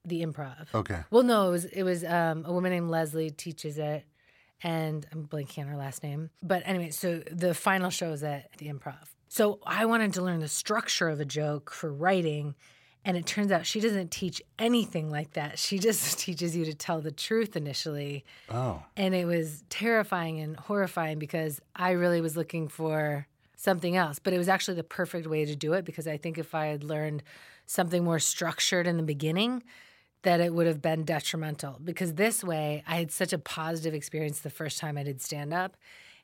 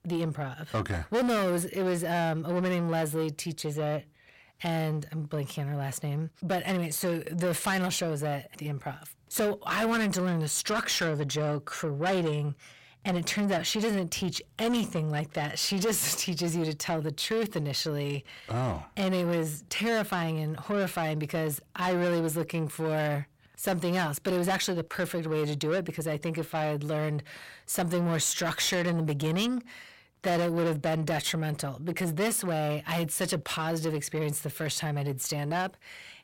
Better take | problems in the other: first | distortion; heavy; 8 dB below the speech

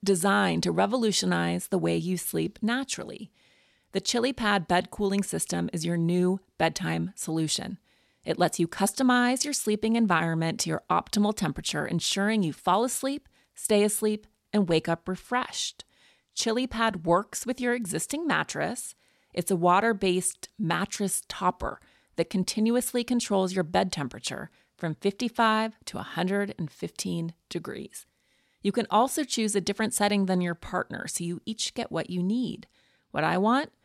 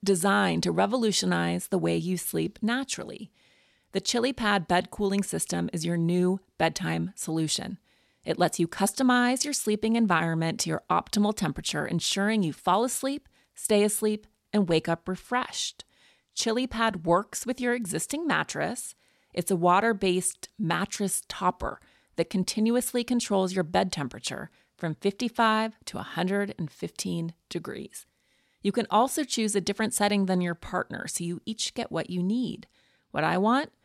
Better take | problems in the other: neither | none

